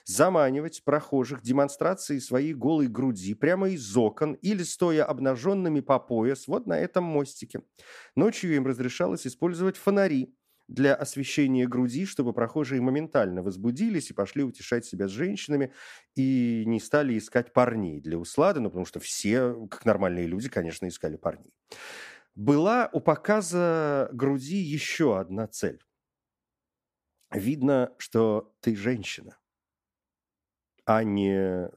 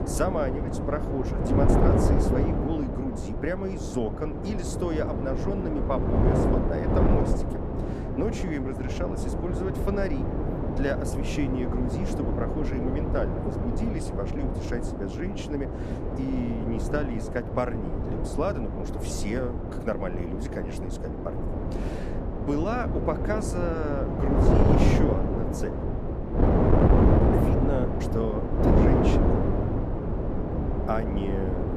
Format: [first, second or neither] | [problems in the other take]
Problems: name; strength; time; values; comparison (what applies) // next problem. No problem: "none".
first | wind noise on the microphone; heavy; 2 dB above the speech